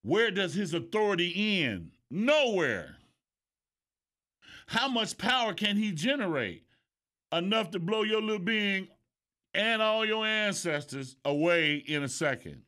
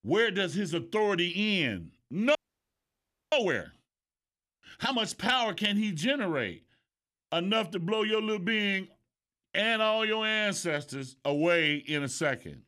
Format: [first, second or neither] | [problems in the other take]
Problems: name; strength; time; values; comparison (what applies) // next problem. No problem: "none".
first | audio freezing; at 2.5 s for 1 s